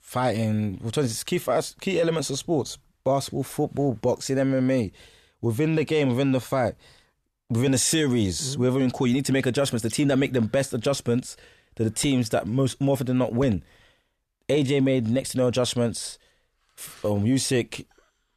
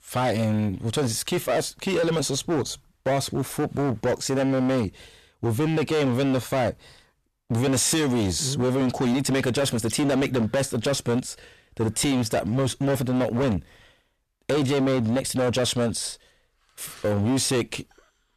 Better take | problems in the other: first | distortion; slight; 20% of the sound clipped

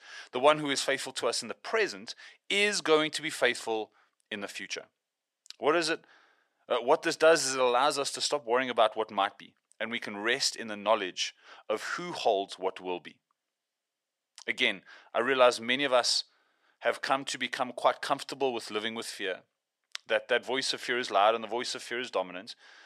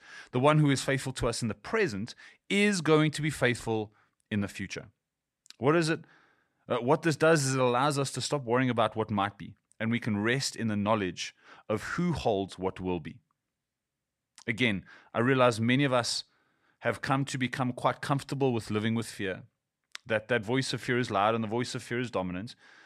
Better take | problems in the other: second | thin; somewhat; fading below 500 Hz

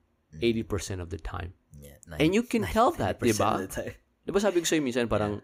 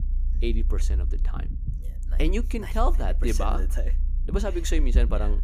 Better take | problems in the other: first | low rumble; noticeable; throughout; 15 dB below the speech

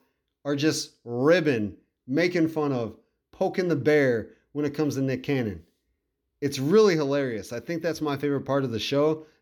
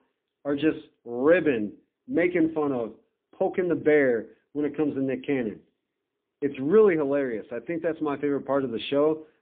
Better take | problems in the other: first | phone-call audio; poor line; nothing above 3.5 kHz

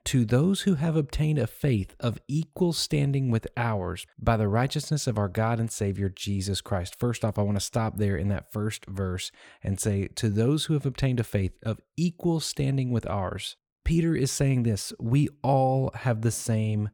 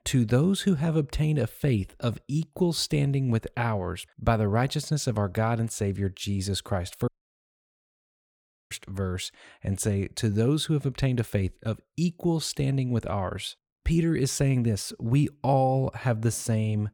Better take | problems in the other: first | audio cutting out; at 7 s for 1.5 s

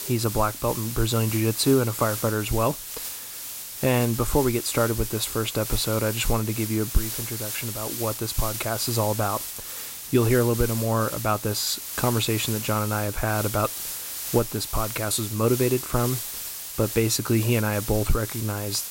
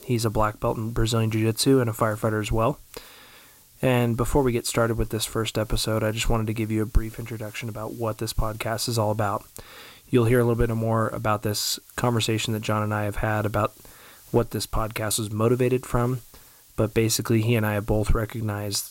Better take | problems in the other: second | hiss; loud; throughout; 6 dB below the speech; faint in the second

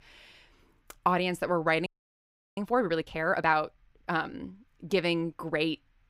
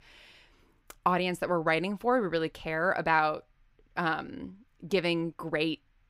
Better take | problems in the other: second | audio freezing; at 2 s for 0.5 s

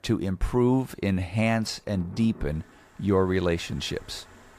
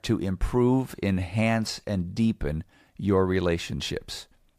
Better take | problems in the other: second | rain or running water; faint; throughout; 25 dB below the speech

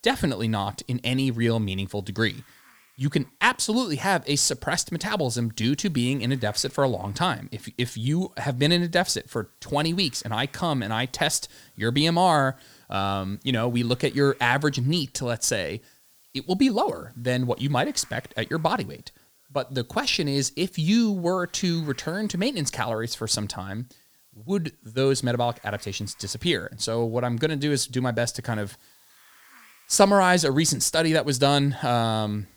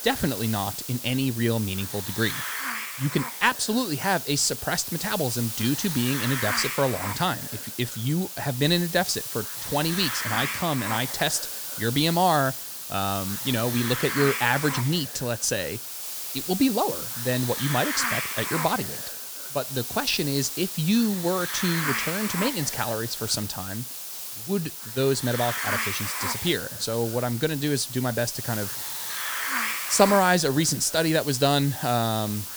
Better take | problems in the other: first | hiss; loud; throughout; 3 dB below the speech; faint in the first

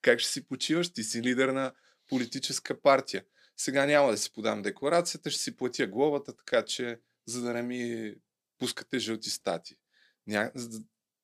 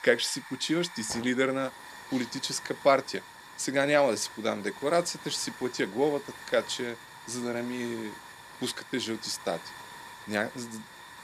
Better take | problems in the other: first | hiss; noticeable; throughout; 15 dB below the speech

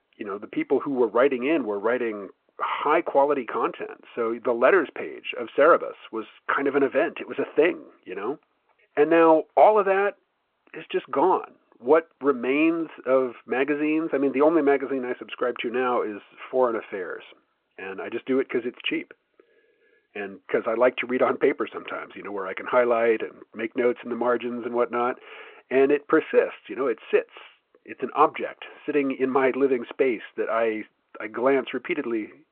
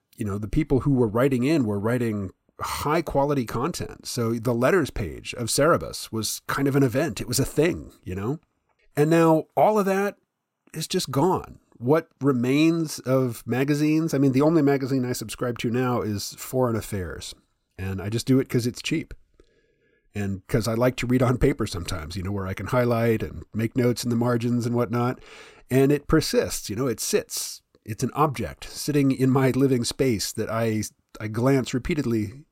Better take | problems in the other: second | phone-call audio

